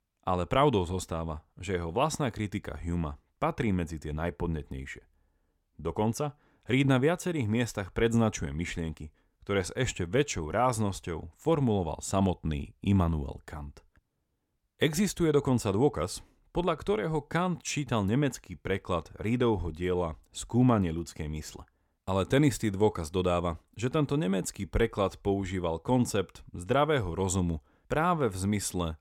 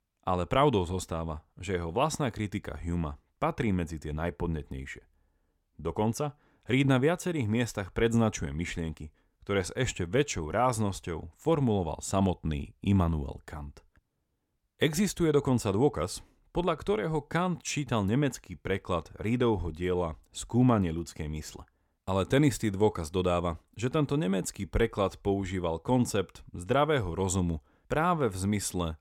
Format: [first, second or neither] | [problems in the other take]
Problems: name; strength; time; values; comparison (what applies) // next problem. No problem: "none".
neither | none